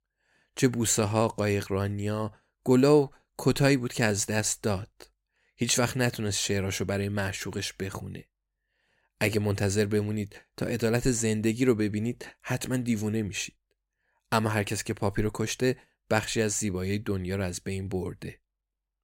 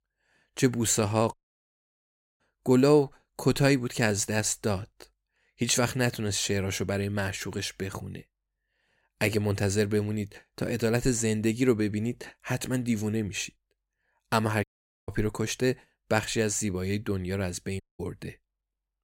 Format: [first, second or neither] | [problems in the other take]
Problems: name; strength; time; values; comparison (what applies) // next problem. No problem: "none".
first | audio cutting out; at 1.5 s for 1 s, at 15 s and at 18 s